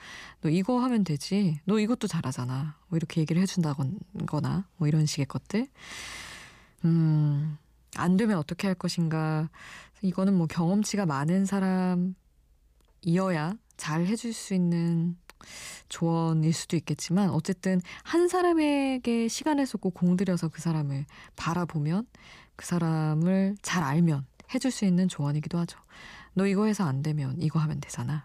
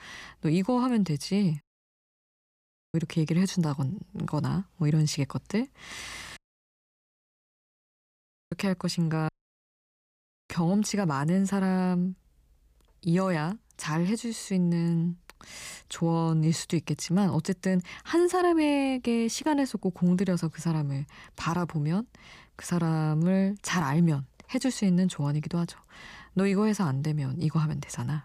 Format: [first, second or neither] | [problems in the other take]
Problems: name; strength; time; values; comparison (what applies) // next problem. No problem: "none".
first | audio cutting out; at 1.5 s for 1.5 s, at 6.5 s for 2 s and at 9.5 s for 1 s